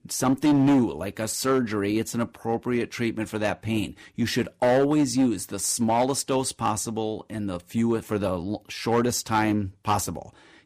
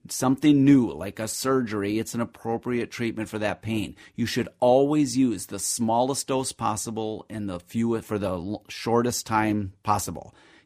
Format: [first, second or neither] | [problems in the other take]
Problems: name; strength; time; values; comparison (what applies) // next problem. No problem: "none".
second | distortion; slight; 5% of the sound clipped